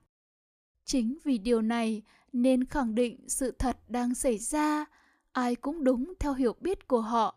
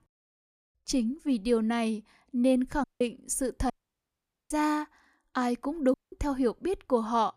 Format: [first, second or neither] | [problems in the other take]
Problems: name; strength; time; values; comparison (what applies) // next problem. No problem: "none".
first | audio cutting out; at 3 s, at 3.5 s for 1 s and at 6 s